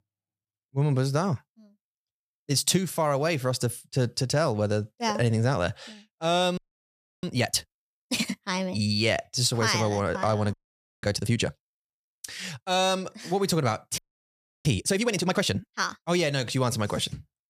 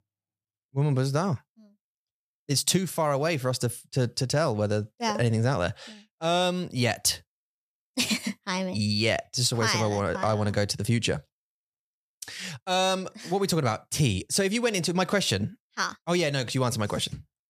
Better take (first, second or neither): second